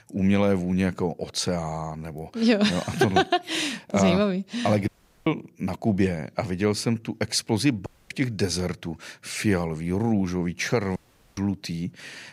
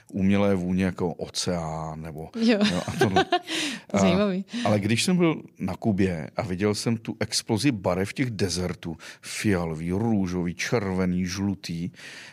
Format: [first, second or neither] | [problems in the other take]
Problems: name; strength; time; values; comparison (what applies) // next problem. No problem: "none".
second | audio cutting out; at 5 s, at 8 s and at 11 s